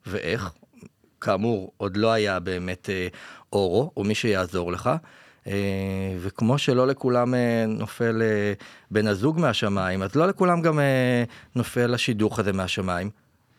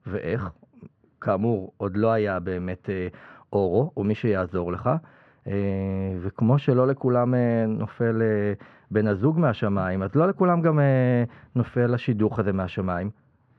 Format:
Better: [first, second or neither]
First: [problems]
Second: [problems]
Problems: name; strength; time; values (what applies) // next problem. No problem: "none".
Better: first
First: none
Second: muffled; very; fading above 1.5 kHz